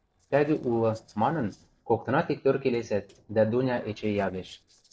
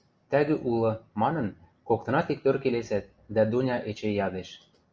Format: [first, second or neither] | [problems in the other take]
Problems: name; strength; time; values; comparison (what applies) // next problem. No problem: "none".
second | noise reduction (neural separator model SepFormer DNS4)